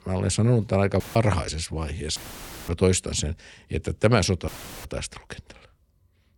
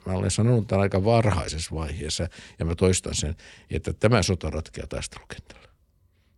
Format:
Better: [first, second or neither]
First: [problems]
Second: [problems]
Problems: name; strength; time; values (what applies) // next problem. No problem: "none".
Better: second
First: audio cutting out; filled with static; at 1 s, at 2 s for 0.5 s and at 4.5 s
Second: none